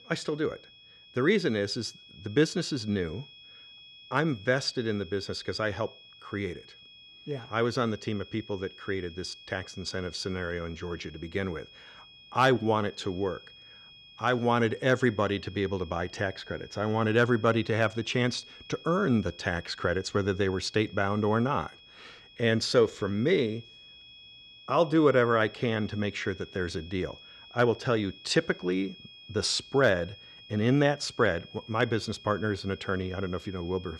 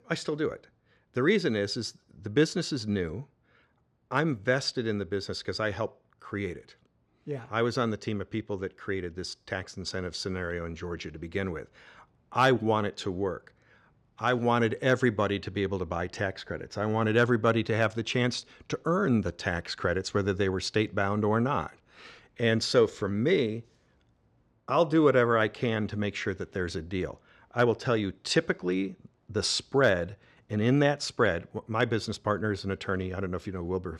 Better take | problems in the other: second | high-pitched whine; noticeable; throughout; 3.5 kHz, 20 dB below the speech

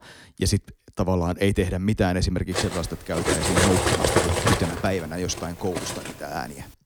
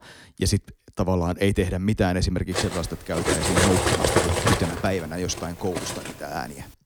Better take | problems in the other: neither | clattering dishes; loud; from 2.5 to 6 s; peak 6 dB above the speech; the same in both

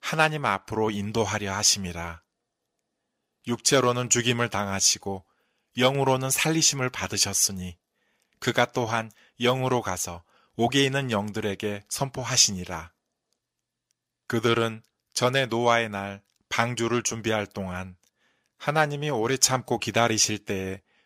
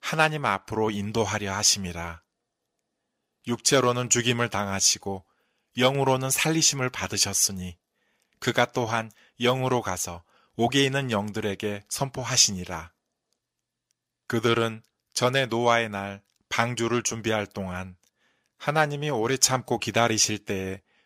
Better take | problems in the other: neither | thin; somewhat; fading below 500 Hz; the same in both

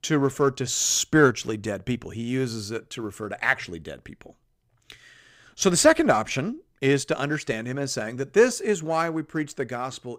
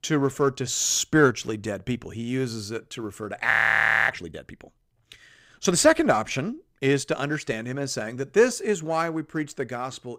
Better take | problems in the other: first | audio freezing; at 3.5 s for 0.5 s

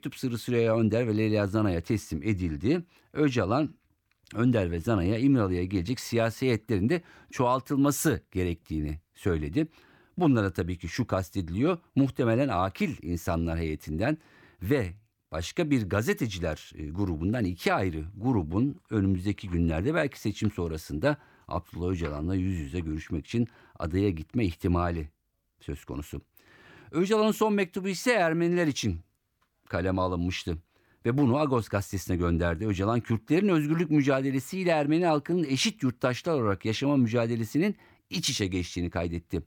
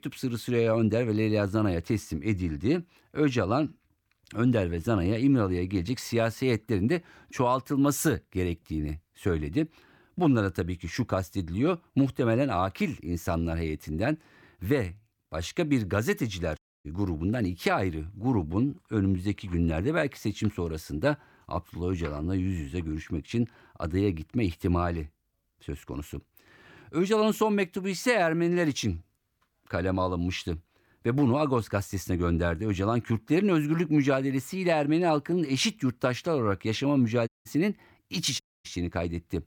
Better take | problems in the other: first | audio cutting out; at 17 s, at 37 s and at 38 s

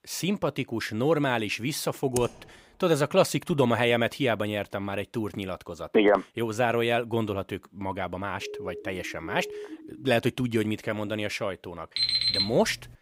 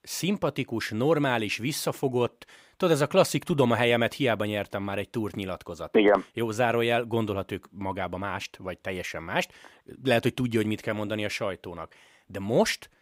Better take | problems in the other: second | keyboard typing; noticeable; at 2 s; peak 9 dB below the speech // siren; faint; from 8.5 to 10 s; peak 10 dB below the speech // alarm; loud; at 12 s; peak 5 dB above the speech

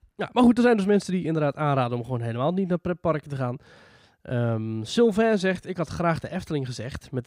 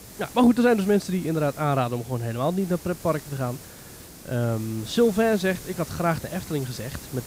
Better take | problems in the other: first | hiss; noticeable; throughout; 15 dB below the speech

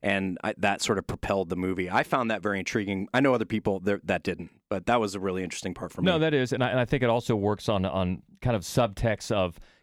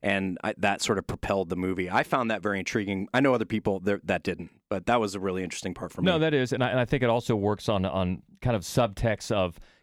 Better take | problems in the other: neither | none

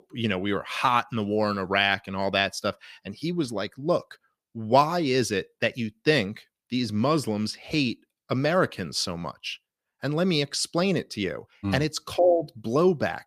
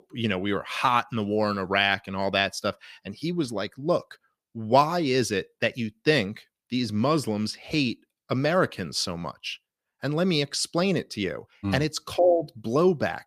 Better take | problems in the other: neither | none

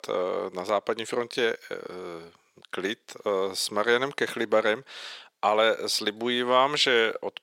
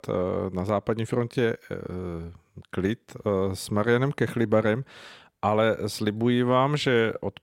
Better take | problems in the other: second | thin; somewhat; fading below 450 Hz

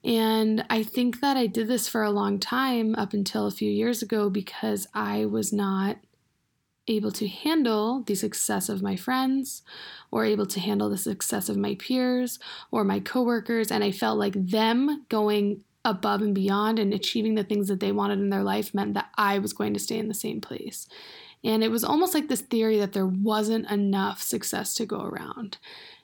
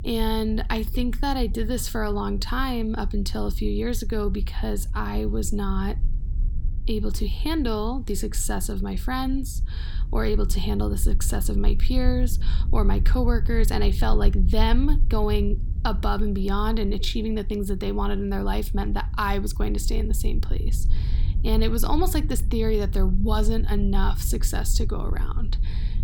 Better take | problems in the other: first | low rumble; noticeable; throughout; 20 dB below the speech

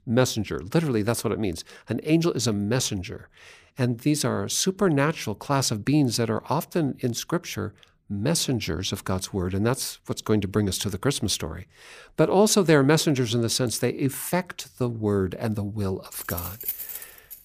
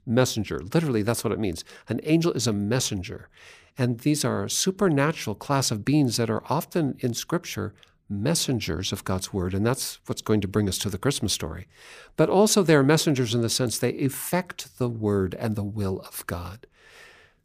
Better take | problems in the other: second | jangling keys; noticeable; from 16 s on; peak 5 dB below the speech

